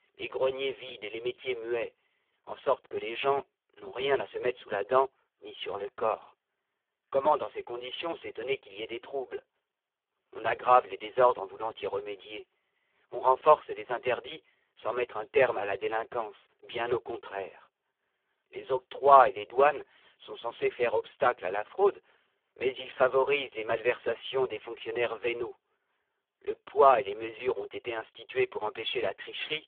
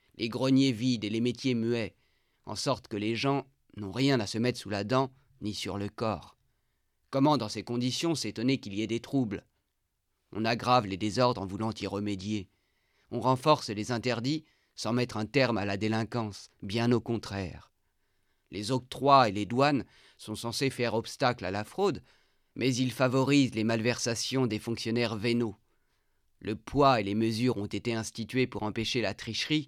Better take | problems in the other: second | phone-call audio; poor line; nothing above 3.5 kHz

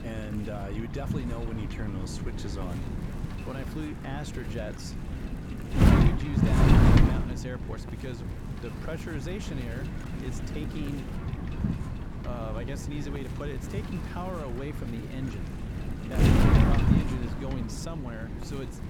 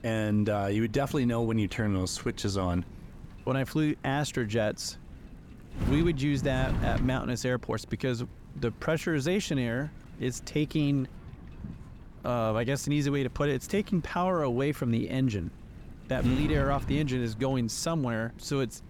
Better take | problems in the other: second | wind noise on the microphone; heavy; 4 dB above the speech; occasional gusts in the second

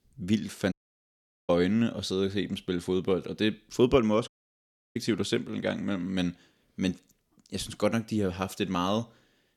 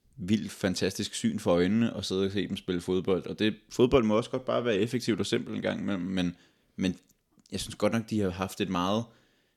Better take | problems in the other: second | audio cutting out; at 0.5 s for 1 s and at 4.5 s for 0.5 s

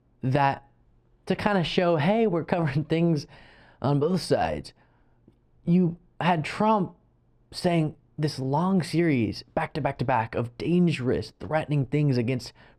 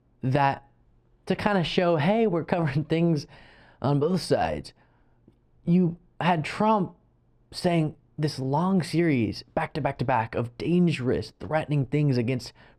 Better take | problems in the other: neither | muffled; slightly; fading above 1.5 kHz; the same in both

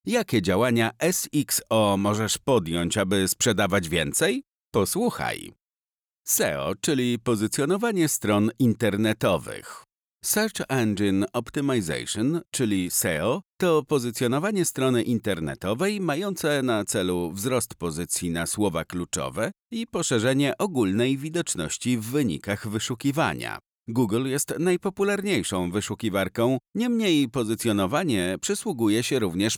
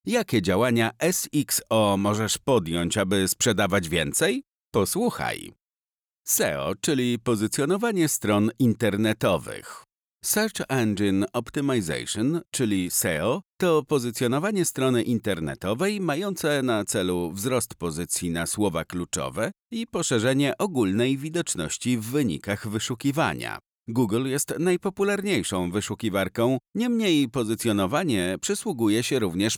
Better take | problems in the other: neither | none

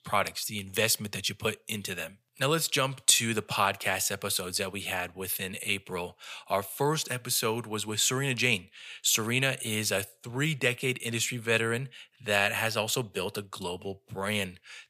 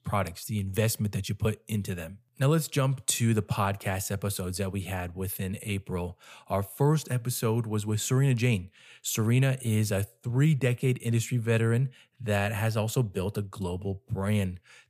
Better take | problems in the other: second | thin; somewhat; fading below 1 kHz

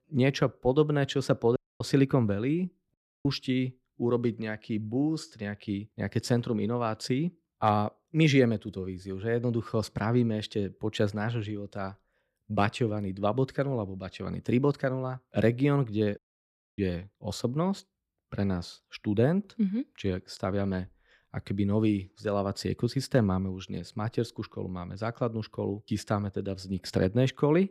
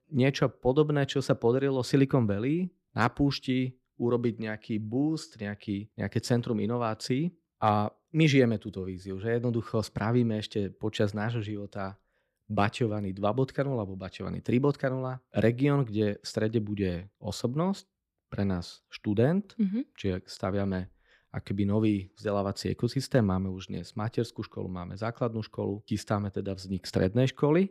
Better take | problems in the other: second | audio cutting out; at 1.5 s, at 3 s and at 16 s for 0.5 s

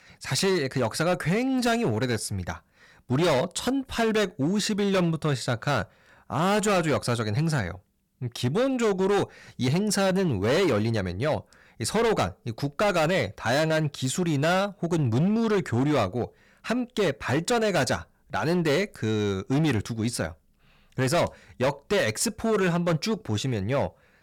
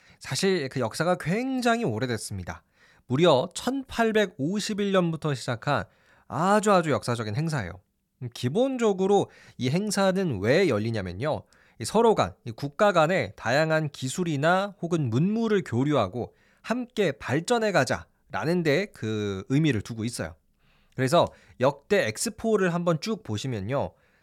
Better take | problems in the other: second | distortion; heavy; 14% of the sound clipped

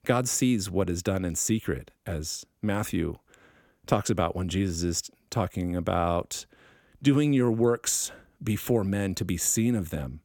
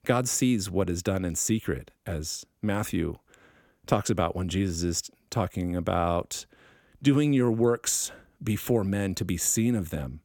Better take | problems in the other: neither | none

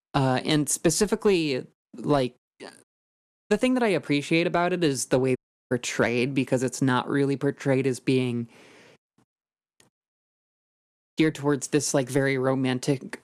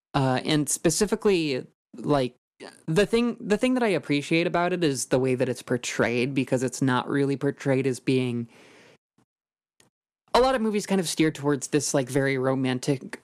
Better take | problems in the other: second | audio cutting out; at 3 s for 0.5 s, at 5.5 s and at 10 s for 1 s

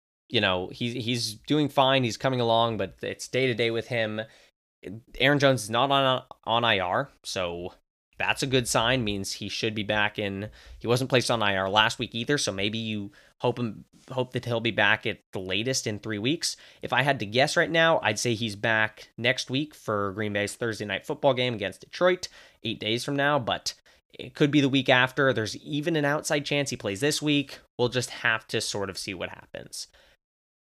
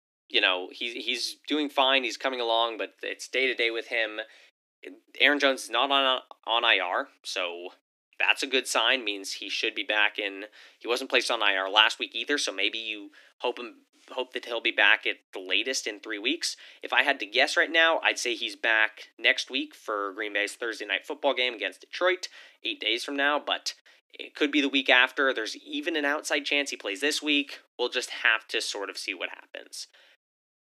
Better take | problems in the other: first | thin; very slightly; fading below 250 Hz

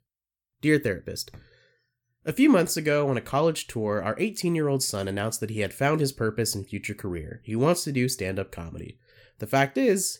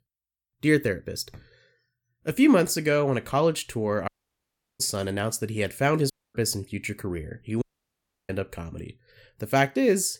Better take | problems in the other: first | audio cutting out; at 4 s for 0.5 s, at 6 s and at 7.5 s for 0.5 s

